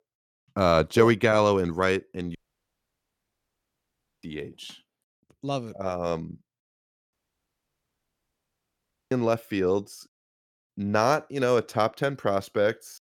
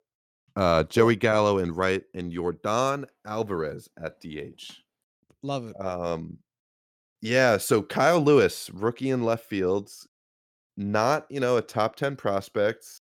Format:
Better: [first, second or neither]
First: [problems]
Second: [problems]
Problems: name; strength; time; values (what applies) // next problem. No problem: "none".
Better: second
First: audio cutting out; at 2.5 s for 2 s and at 7 s for 2 s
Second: none